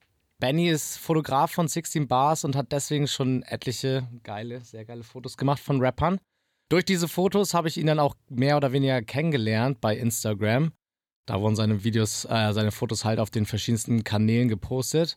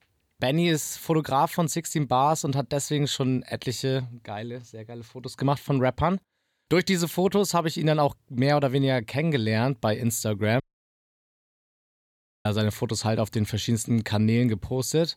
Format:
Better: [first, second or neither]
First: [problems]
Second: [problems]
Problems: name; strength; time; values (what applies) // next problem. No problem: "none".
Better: first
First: none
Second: audio cutting out; at 11 s for 2 s